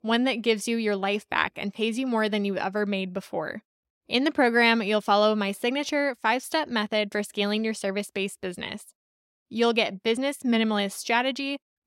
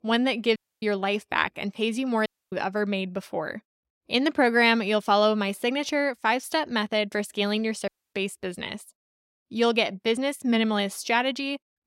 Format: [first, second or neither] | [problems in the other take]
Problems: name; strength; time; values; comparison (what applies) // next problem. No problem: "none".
first | audio cutting out; at 0.5 s, at 2.5 s and at 8 s